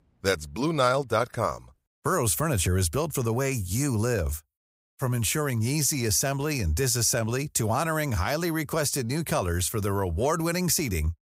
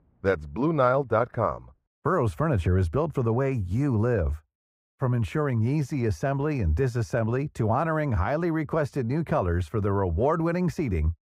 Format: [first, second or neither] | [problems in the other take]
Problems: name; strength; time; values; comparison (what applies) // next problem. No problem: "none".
first | muffled; very; fading above 3.5 kHz